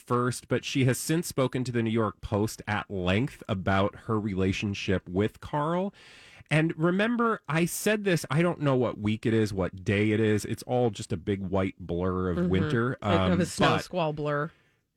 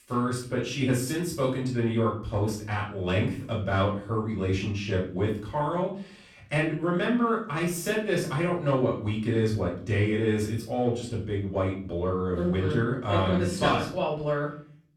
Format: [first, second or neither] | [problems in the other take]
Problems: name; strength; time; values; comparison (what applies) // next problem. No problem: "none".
first | off-mic speech; far // room echo; slight; dies away in 0.4 s